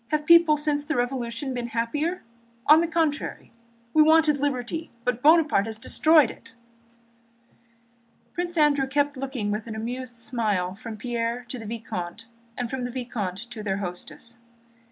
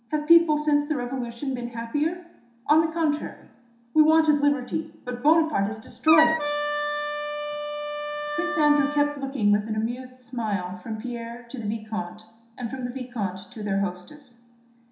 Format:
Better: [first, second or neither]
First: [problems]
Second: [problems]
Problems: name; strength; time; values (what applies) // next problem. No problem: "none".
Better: first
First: none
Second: background sound (Wind instrument, woodwind instrument); 3 dB below the speech // room echo; dies away in 0.7 s